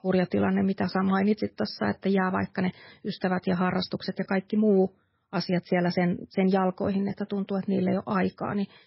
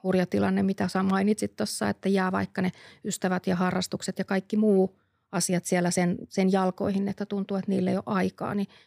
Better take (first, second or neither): second